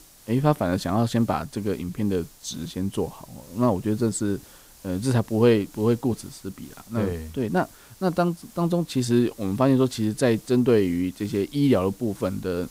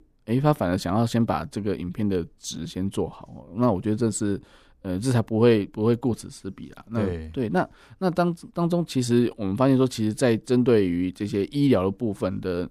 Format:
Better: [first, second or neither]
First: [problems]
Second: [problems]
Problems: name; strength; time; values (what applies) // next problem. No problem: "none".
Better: second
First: hiss; faint; throughout; 25 dB below the speech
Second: none